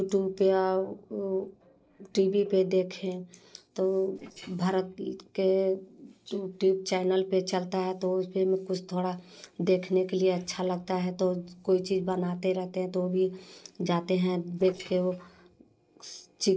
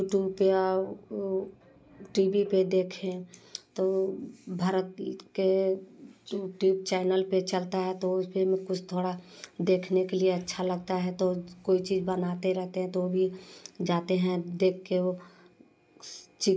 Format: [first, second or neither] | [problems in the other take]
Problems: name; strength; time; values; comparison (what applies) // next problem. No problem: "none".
second | noise reduction (neural separator model SepFormer DNS4)